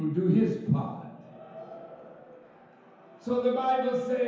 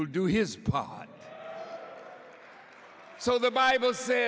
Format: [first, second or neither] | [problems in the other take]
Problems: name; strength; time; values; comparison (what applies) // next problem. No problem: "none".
second | room echo; dies away in 0.9 s